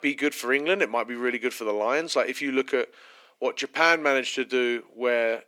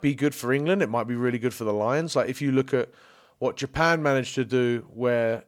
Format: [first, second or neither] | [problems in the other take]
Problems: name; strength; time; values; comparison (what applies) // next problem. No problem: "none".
second | thin; very slightly; fading below 300 Hz